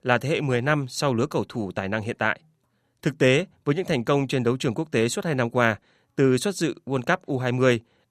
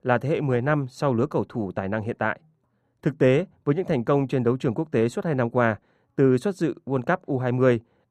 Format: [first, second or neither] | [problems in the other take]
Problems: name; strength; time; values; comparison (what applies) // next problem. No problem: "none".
first | muffled; slightly; fading above 2 kHz